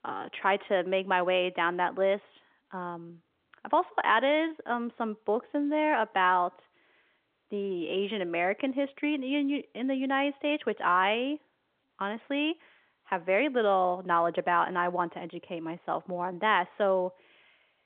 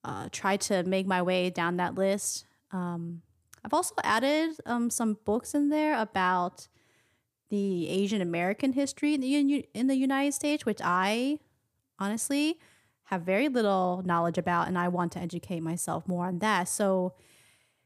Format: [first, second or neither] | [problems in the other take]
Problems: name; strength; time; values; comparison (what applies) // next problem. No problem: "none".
second | phone-call audio; nothing above 3.5 kHz